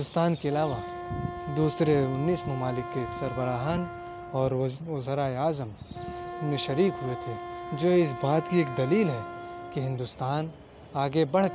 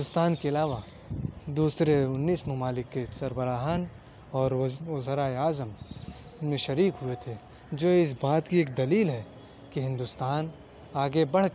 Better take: second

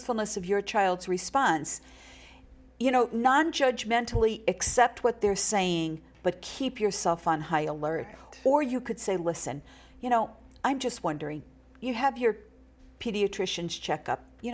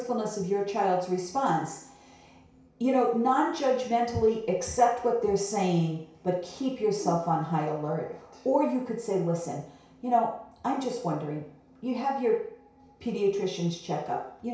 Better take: first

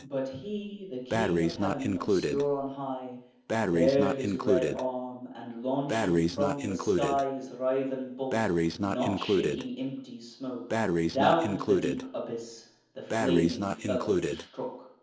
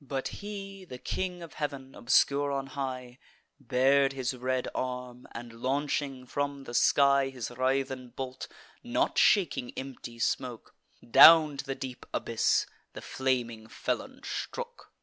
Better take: second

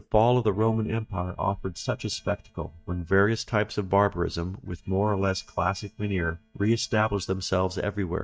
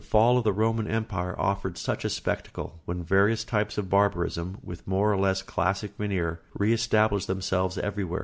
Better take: second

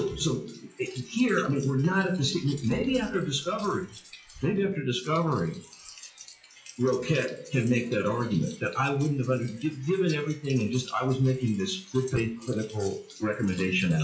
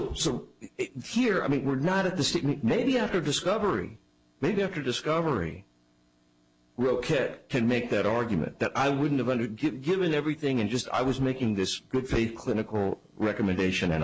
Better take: second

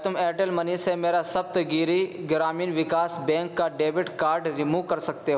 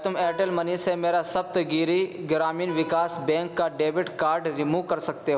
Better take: first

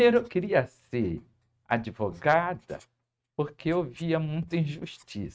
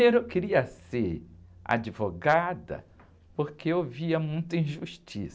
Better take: second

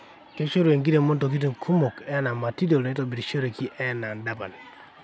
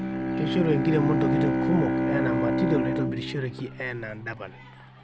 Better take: first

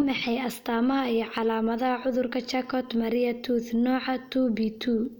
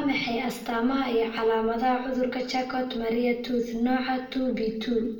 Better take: first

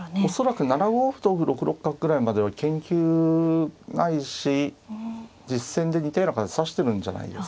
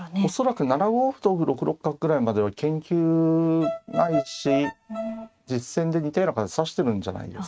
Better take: first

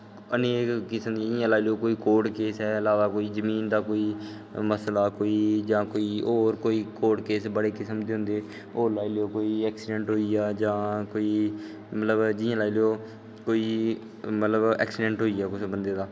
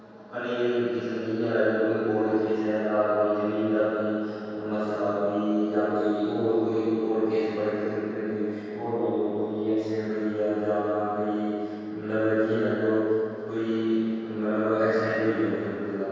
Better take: first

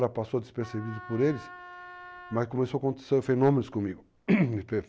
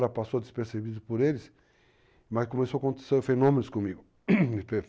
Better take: second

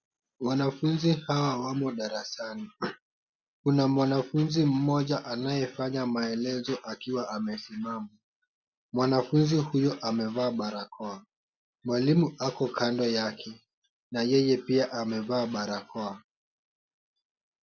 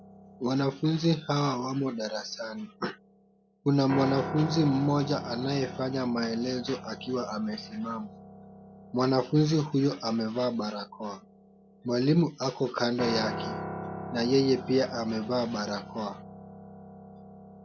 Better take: first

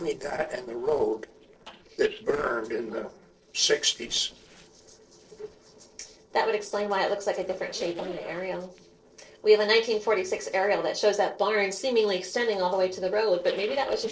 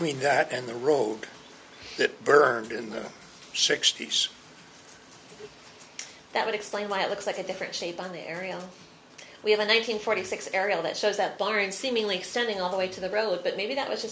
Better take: second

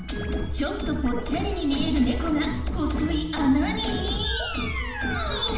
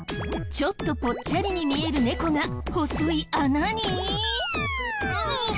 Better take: second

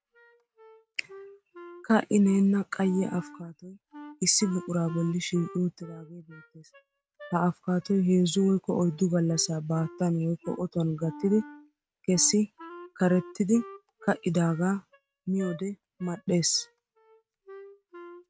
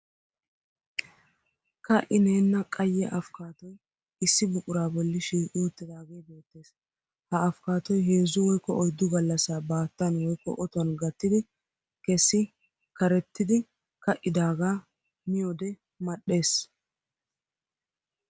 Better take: second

